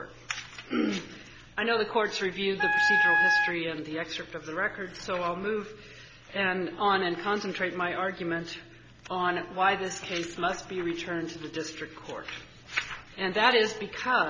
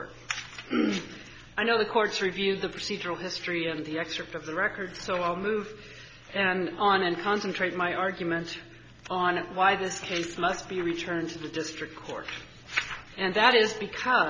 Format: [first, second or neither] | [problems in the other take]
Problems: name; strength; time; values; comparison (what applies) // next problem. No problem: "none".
second | background sound (Wind instrument, woodwind instrument); 4 dB above the speech